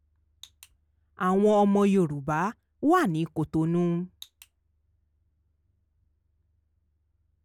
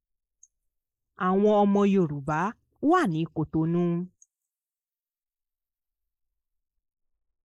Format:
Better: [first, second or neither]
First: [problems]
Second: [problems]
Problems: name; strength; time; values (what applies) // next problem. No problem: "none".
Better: first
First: none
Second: noise reduction (neural mask model Resemble Enhance denoiser)